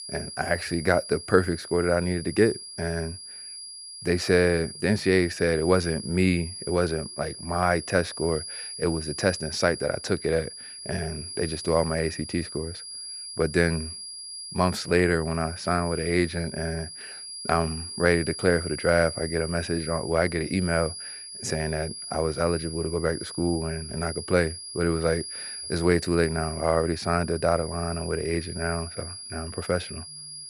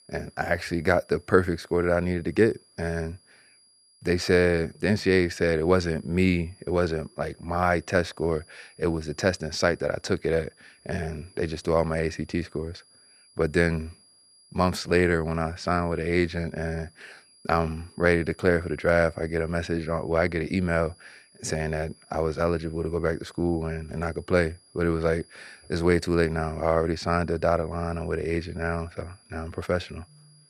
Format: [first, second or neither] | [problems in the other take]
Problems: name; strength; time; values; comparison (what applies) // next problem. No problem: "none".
second | high-pitched whine; loud; throughout; 5 kHz, 10 dB below the speech; faint in the second